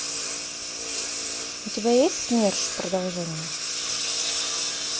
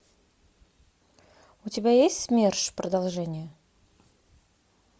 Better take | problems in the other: second | background sound (Engine); 1 dB below the speech

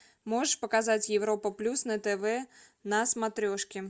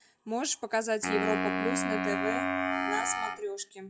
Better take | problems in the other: first | noise reduction (classical method log-MMSE)

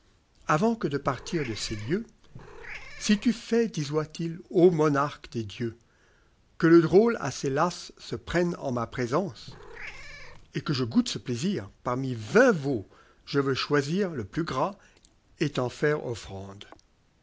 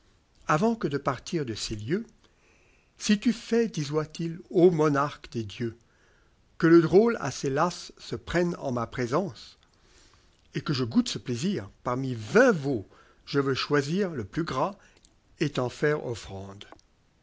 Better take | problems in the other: second | background sound (Meow / Purr); 16 dB below the speech

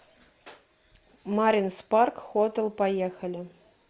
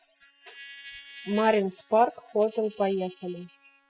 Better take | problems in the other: first | noise reduction (classical method spectral subtraction)

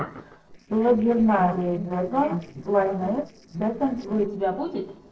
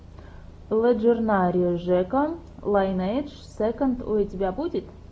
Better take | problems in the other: second | noise reduction (neural separator model SepFormer DNS4)

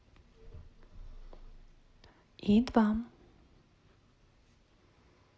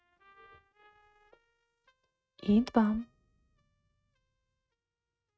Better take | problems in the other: first | noise reduction (neural mask model RNNoise)

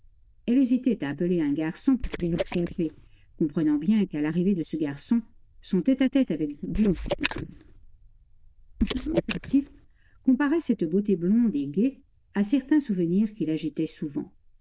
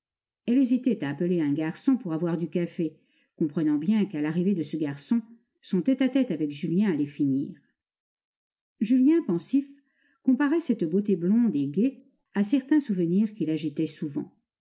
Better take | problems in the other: second | noise reduction (neural diffusion model UNIVERSE++)

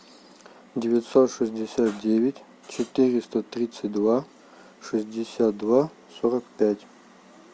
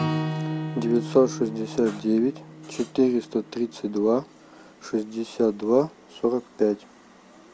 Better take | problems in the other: first | background sound (Acoustic guitar / Strum); 10 dB below the speech

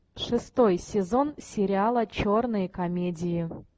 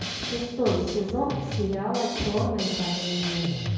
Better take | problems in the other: first | background sound (Drum kit); 4 dB below the speech // room echo; dies away in 1.2 s

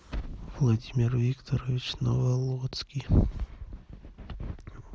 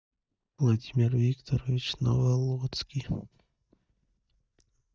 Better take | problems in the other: first | noise reduction (neural mask model DeepFilterNet 3)

